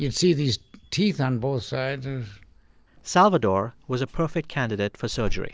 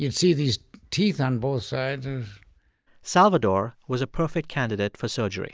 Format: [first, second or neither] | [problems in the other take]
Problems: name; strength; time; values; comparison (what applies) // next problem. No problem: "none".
second | background sound (Alarm / Insect); 12 dB below the speech